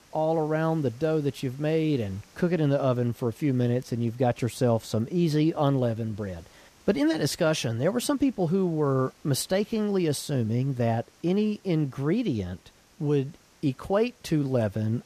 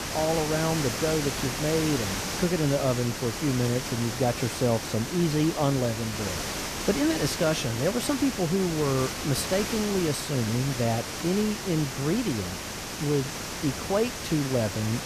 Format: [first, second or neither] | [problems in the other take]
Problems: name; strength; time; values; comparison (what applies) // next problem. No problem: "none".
first | hiss; loud; throughout; 4 dB below the speech; faint in the first